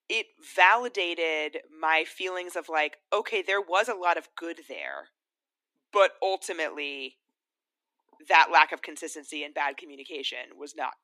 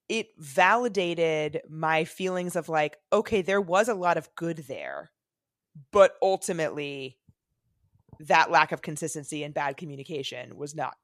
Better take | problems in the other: second | thin; somewhat; fading below 250 Hz

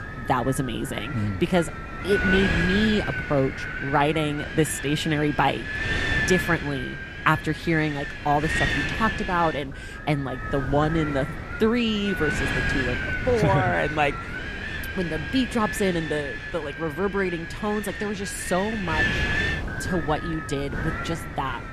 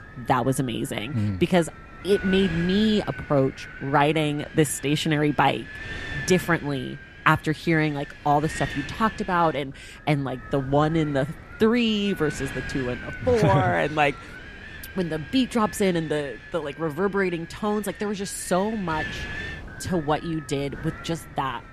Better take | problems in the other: second | wind noise on the microphone; heavy; 2 dB below the speech; occasional gusts in the second

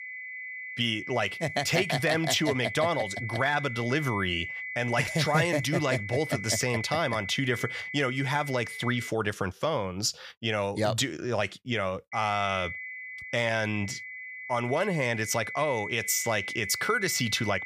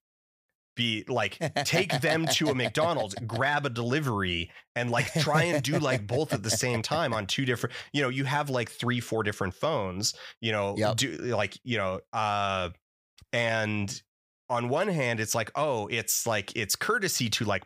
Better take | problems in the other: second | high-pitched whine; loud; until 9 s and from 12 s on; 2 kHz, 8 dB below the speech

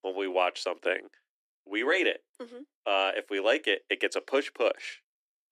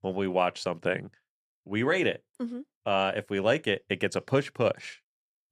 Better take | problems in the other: second | thin; somewhat; fading below 300 Hz

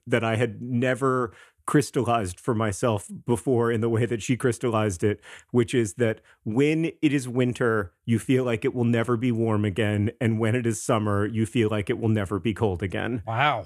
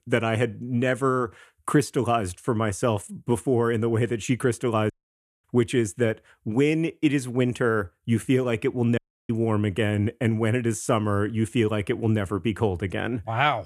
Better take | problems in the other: first | audio cutting out; at 5 s for 0.5 s and at 9 s

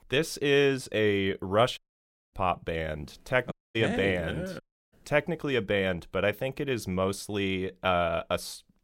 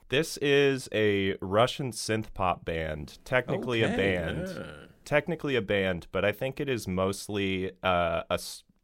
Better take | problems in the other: second | audio cutting out; at 2 s for 0.5 s, at 3.5 s and at 4.5 s

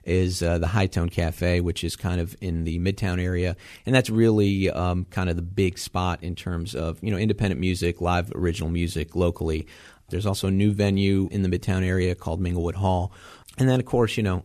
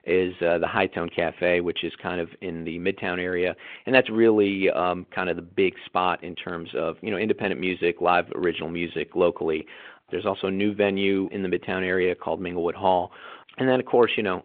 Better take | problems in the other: first | phone-call audio

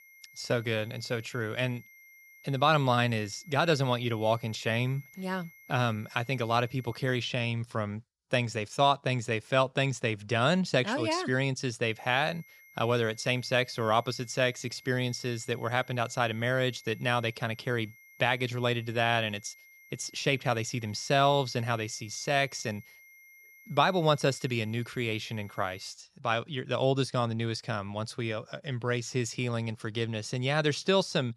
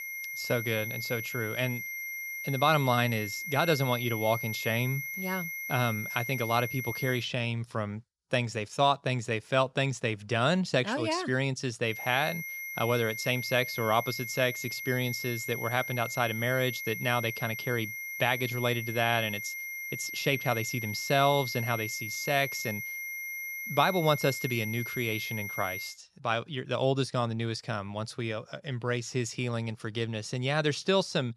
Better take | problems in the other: first | high-pitched whine; loud; until 7 s and from 12 to 26 s; 2 kHz, 6 dB below the speech; faint in the first

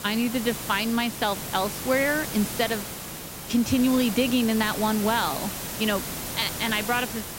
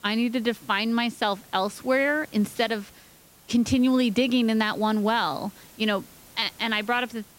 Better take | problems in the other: second | hiss; loud; throughout; 7 dB below the speech; faint in the second

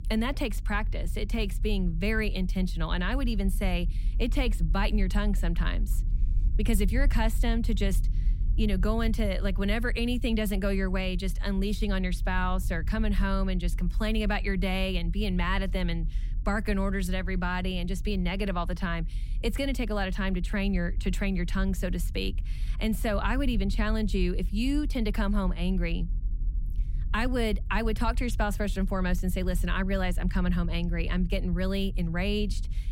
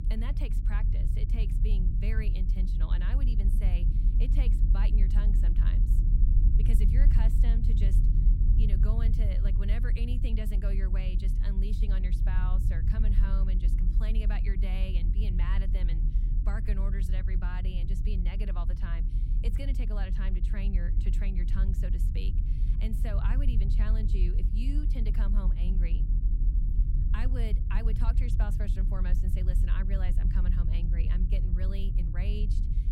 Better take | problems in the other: first | low rumble; loud; throughout; 3 dB below the speech; faint in the first

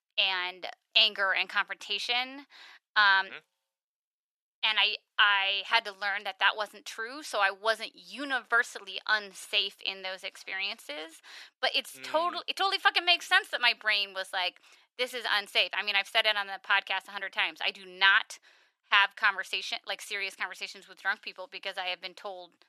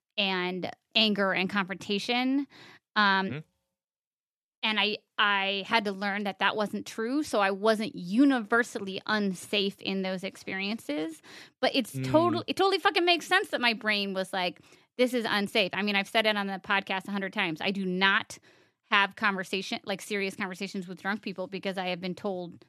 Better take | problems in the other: second | thin; very; fading below 850 Hz

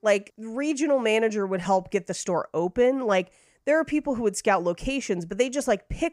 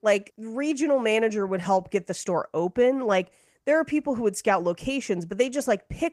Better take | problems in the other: first | garbled, watery; slightly; nothing above 15.5 kHz

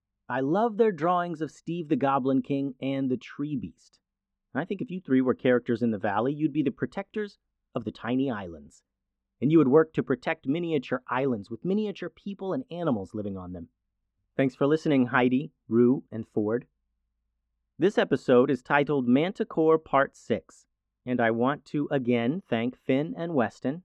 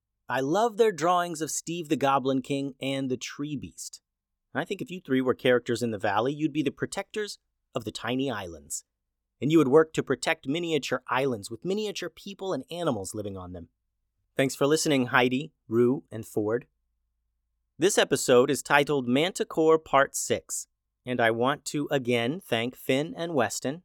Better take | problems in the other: second | muffled; very; fading above 2 kHz

